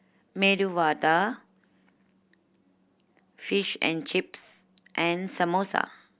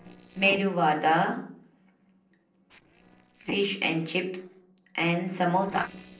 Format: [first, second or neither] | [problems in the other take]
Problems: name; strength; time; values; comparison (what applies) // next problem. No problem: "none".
first | noise reduction (neural separator model SepFormer DNS4)